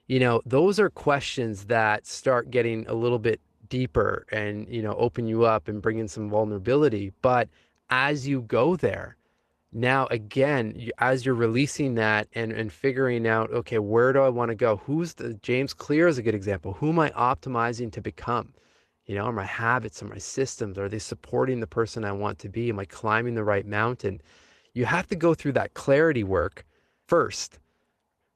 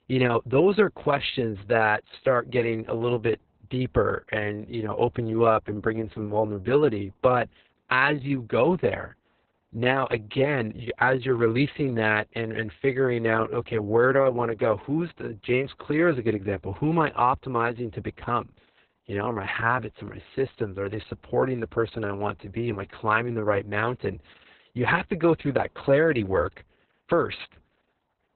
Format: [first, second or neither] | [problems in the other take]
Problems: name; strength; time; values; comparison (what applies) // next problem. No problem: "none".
first | garbled, watery; badly; nothing above 4 kHz; slightly in the first